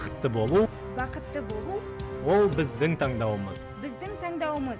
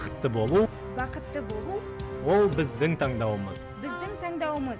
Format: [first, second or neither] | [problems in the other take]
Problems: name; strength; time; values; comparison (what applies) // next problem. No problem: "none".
first | background sound (Wind instrument, woodwind instrument); 15 dB below the speech